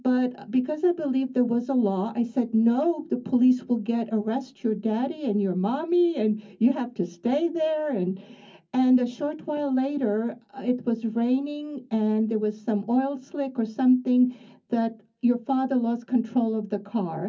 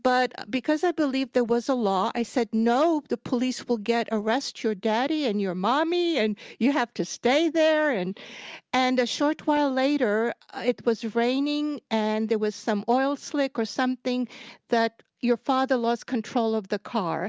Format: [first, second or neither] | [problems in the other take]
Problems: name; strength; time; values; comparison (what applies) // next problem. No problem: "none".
second | room echo; dies away in 0.3 s